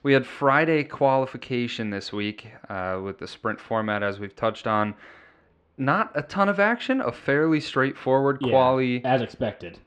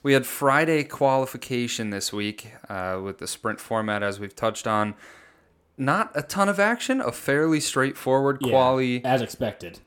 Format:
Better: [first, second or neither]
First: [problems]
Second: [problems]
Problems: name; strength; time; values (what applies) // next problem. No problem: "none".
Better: second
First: muffled; slightly; fading above 3.5 kHz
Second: none